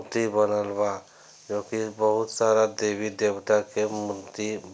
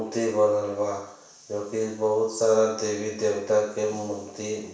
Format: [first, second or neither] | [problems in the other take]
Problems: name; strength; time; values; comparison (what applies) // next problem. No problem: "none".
first | room echo; dies away in 0.7 s